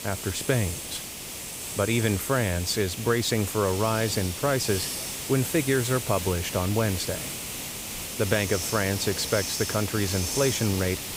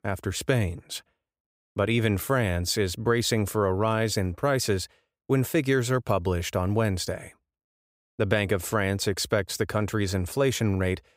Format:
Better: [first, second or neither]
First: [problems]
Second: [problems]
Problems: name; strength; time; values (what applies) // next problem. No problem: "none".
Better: second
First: hiss; loud; throughout; 5 dB below the speech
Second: none